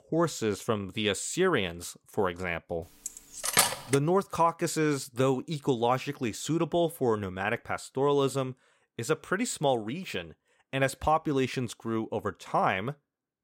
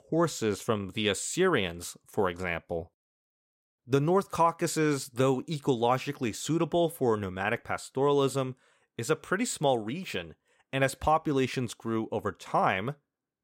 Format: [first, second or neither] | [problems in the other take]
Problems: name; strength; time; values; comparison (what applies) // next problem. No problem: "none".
second | clattering dishes; loud; at 3 s; peak 5 dB above the speech